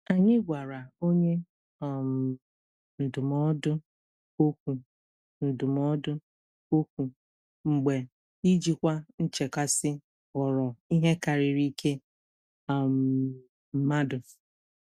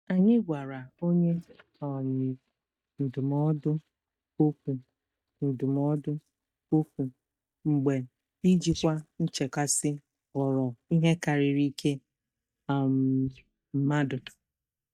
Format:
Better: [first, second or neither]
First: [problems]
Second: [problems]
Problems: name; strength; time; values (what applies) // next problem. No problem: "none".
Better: first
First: none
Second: noise reduction (neural mask model DeepFilterNet 3)